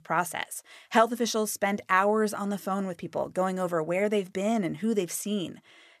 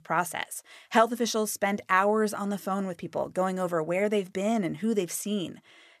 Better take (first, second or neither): neither